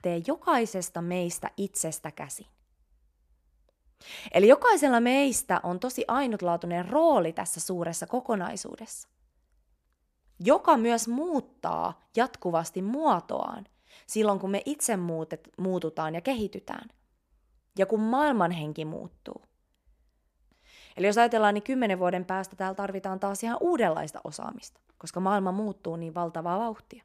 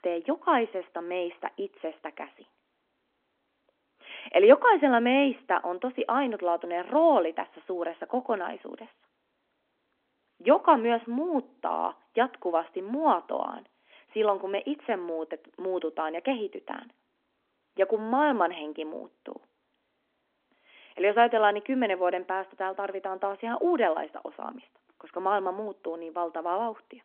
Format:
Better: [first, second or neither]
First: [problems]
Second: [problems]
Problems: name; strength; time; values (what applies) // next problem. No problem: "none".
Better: first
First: none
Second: phone-call audio